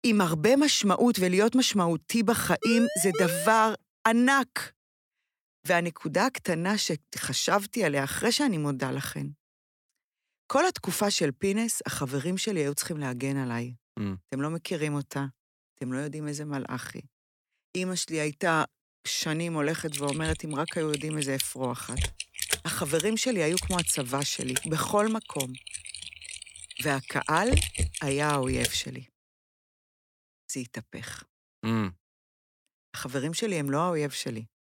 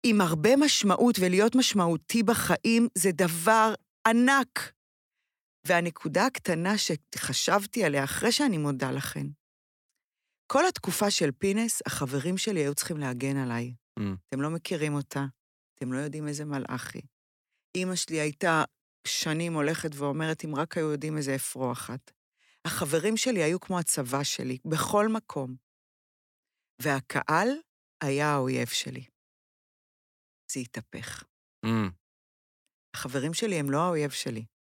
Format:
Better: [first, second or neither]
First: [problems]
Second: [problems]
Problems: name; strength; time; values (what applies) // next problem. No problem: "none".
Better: second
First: siren; noticeable; from 2.5 to 3.5 s; peak 4 dB below the speech // keyboard typing; loud; from 20 to 29 s; peak 1 dB above the speech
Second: none